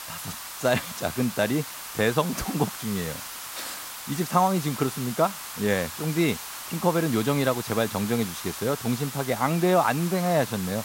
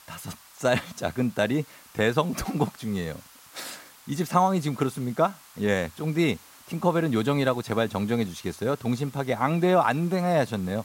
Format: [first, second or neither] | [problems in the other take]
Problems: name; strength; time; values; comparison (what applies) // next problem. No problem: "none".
second | hiss; loud; throughout; 9 dB below the speech; faint in the second